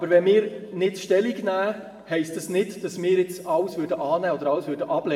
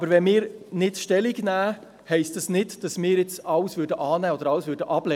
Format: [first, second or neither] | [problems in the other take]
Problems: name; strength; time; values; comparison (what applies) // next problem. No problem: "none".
second | room echo; dies away in 1.2 s